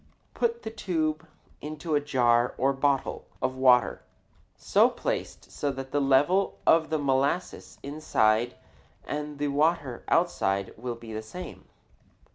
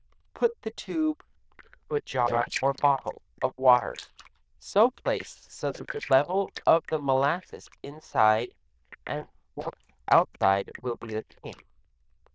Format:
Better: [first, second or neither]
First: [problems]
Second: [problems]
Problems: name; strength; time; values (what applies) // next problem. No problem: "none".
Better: first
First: none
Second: noise reduction (neural diffusion model UNIVERSE++)